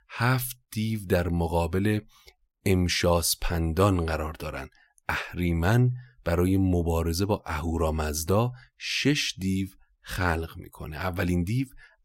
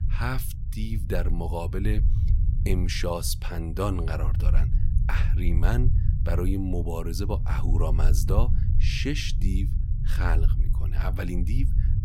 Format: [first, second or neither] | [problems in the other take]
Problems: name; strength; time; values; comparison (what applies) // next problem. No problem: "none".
first | low rumble; noticeable; throughout; 10 dB below the speech